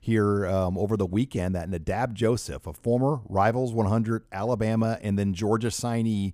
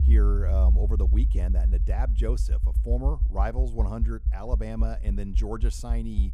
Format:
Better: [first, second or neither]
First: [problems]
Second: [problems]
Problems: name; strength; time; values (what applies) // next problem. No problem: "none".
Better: first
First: none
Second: low rumble; loud; throughout; 9 dB below the speech